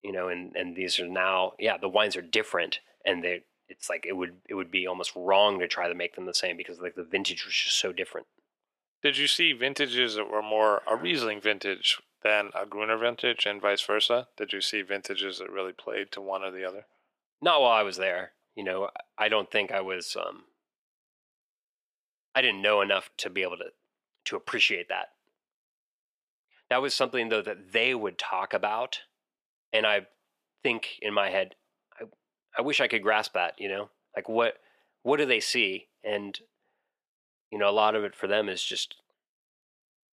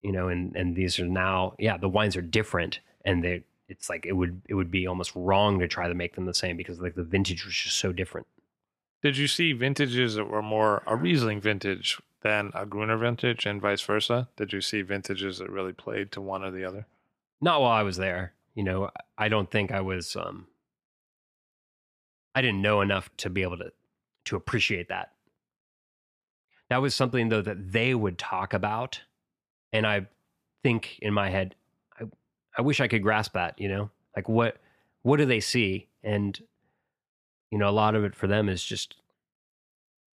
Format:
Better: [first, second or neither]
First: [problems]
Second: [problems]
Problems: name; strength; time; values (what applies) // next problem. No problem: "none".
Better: second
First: thin; somewhat; fading below 450 Hz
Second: none